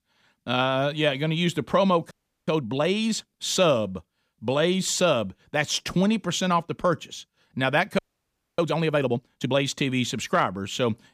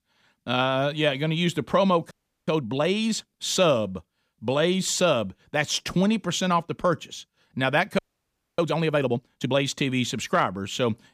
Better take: neither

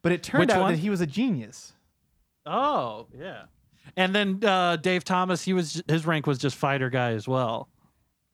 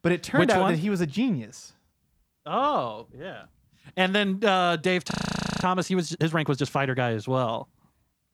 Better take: first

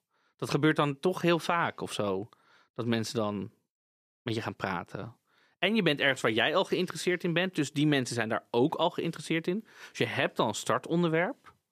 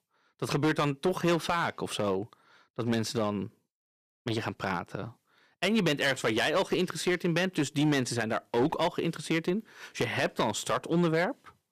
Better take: first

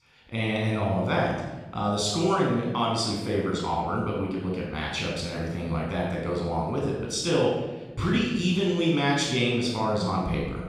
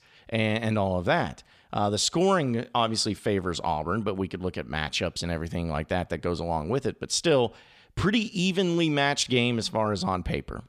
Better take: second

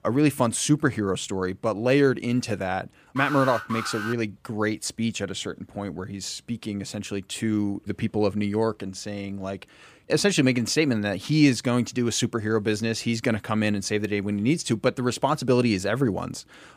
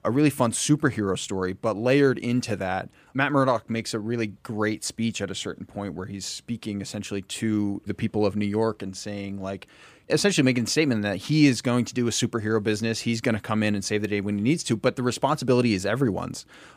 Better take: second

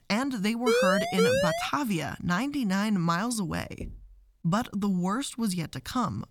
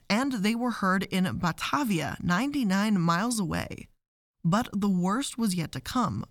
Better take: second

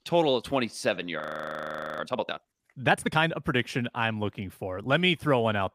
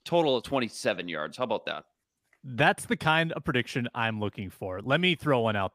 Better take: second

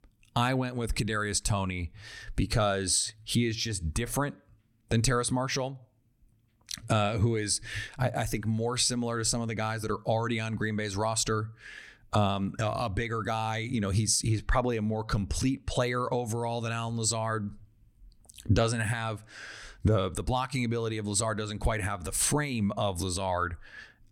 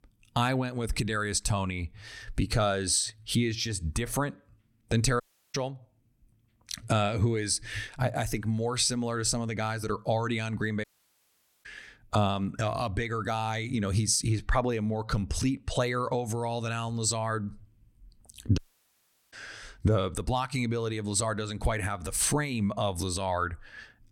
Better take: first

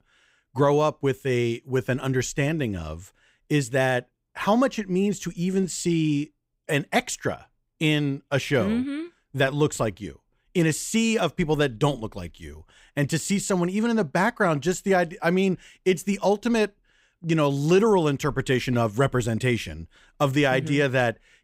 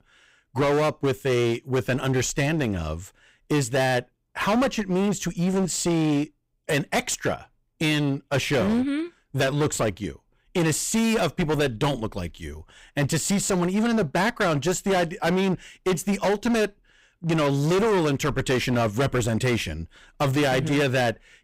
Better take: first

